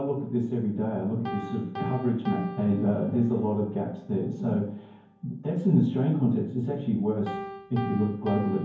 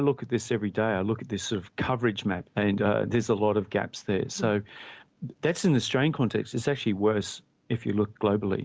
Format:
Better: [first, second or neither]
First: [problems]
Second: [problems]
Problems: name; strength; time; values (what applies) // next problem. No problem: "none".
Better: second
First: background sound (Piano); 14 dB below the speech // room echo; dies away in 0.9 s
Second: none